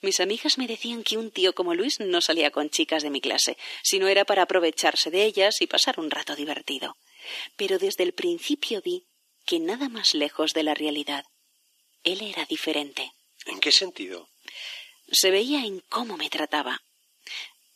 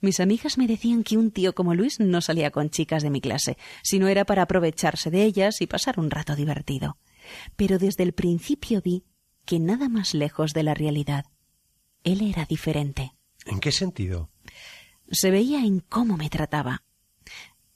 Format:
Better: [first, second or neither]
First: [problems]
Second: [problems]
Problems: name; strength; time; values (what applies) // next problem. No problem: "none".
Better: second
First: thin; somewhat; fading below 300 Hz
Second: none